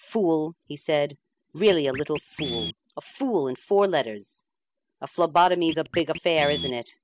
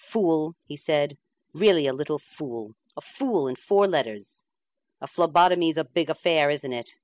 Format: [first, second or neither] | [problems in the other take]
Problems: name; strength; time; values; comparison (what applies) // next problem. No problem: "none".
second | background sound (Scratching (performance technique)); 13 dB below the speech